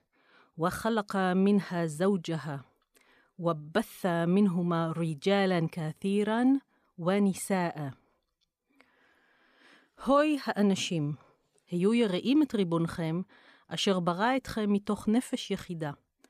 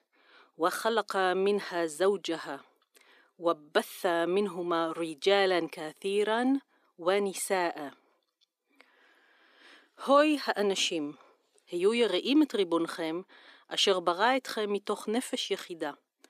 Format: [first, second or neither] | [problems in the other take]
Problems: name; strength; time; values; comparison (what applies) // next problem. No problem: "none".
first | thin; somewhat; fading below 300 Hz